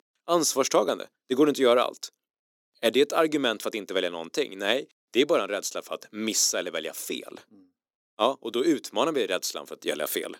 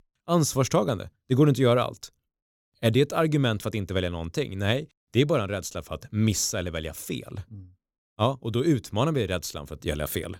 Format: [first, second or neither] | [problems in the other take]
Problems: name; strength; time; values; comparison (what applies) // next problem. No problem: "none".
second | thin; somewhat; fading below 300 Hz